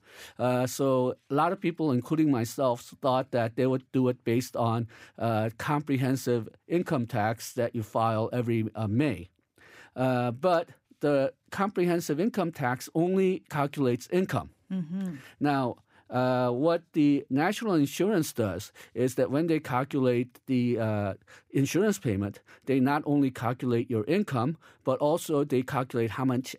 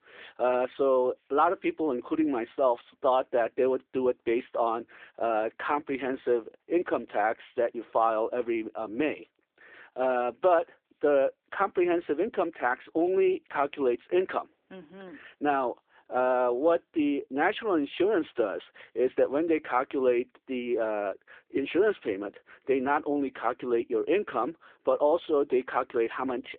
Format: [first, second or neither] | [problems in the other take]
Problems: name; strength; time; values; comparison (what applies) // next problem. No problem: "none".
first | phone-call audio